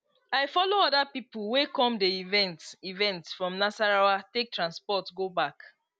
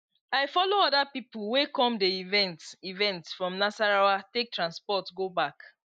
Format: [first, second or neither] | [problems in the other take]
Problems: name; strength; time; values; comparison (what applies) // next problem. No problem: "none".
first | noise reduction (neural mask model Resemble Enhance denoiser)